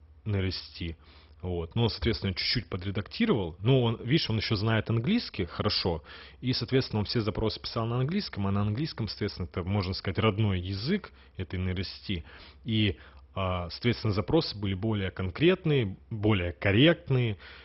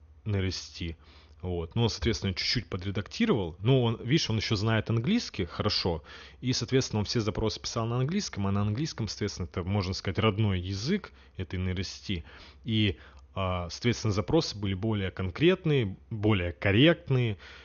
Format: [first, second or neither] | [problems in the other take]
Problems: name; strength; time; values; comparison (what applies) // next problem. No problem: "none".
second | garbled, watery; badly; nothing above 5.5 kHz; slightly in the second